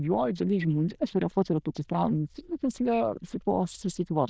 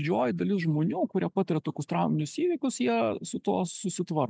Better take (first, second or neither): second